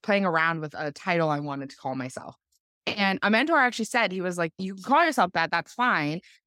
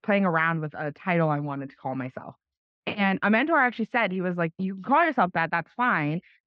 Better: first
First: none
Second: muffled; very; fading above 3 kHz

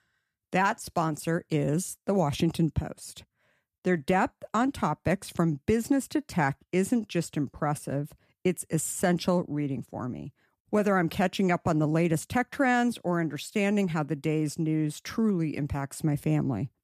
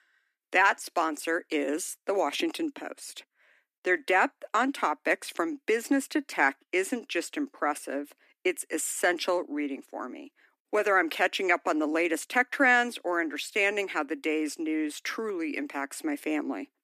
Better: first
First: none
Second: thin; somewhat; fading below 250 Hz

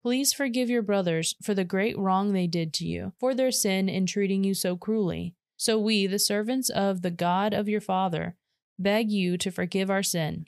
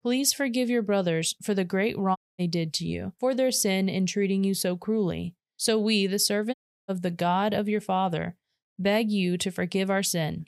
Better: first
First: none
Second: audio cutting out; at 2 s and at 6.5 s

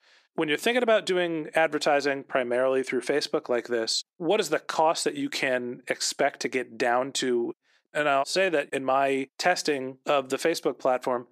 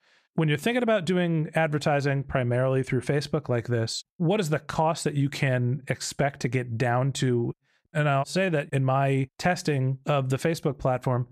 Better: second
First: thin; somewhat; fading below 300 Hz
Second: none

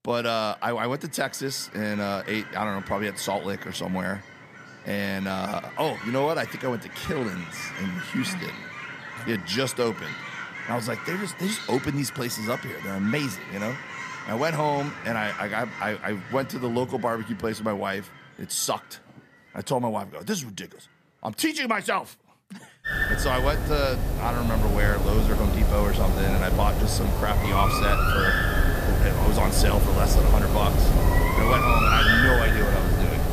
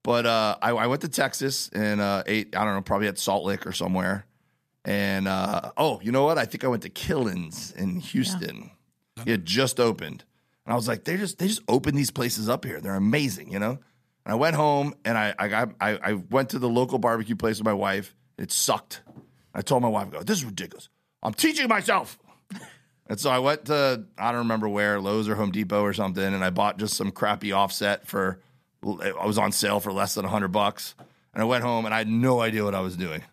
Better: second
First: animal sounds; very loud; throughout; 2 dB above the speech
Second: none

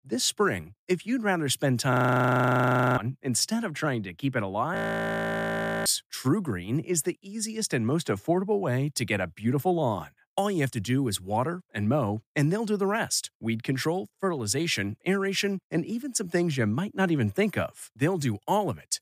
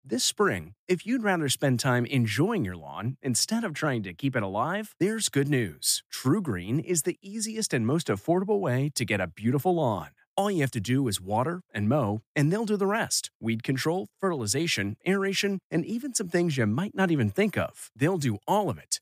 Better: second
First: audio freezing; at 2 s for 1 s and at 5 s for 1 s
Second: none

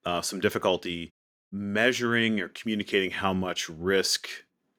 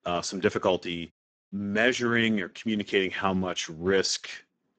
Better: first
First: none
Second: garbled, watery; badly; nothing above 7.5 kHz

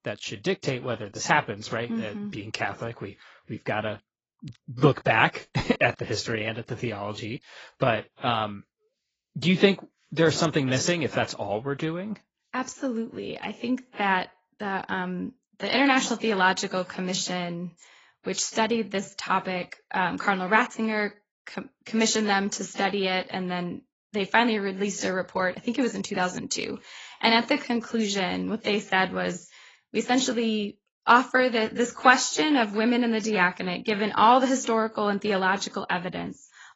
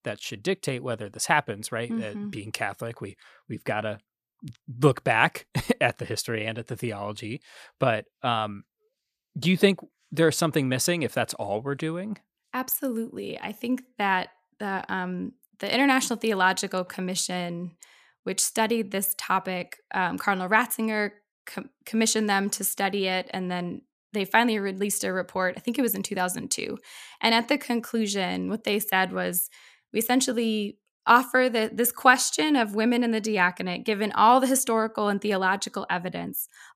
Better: second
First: garbled, watery; badly; nothing above 7.5 kHz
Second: none

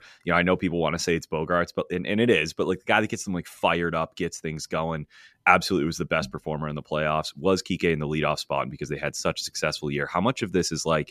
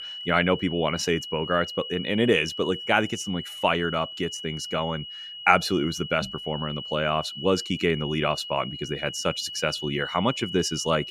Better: first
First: none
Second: high-pitched whine; loud; throughout; 3 kHz, 9 dB below the speech

